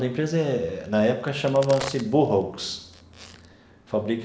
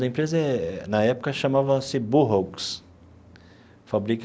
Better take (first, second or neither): second